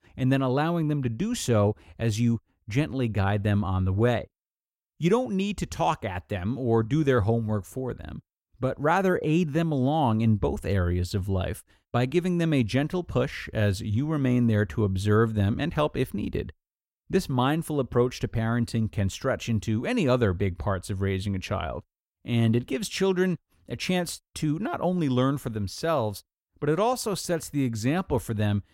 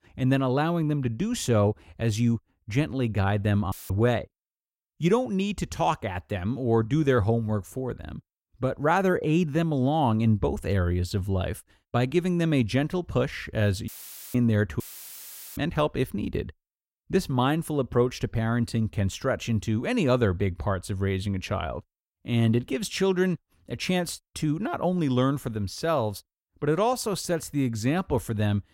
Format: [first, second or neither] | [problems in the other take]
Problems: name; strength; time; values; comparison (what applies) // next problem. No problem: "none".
first | audio cutting out; filled with static; at 3.5 s, at 14 s and at 15 s for 1 s